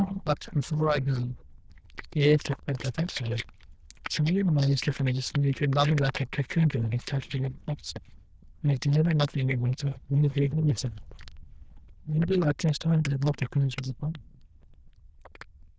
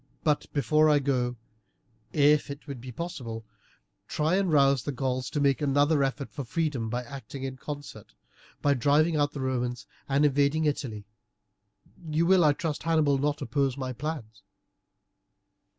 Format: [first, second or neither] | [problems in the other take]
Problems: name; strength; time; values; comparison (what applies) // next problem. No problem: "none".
second | noise reduction (neural diffusion model UNIVERSE++)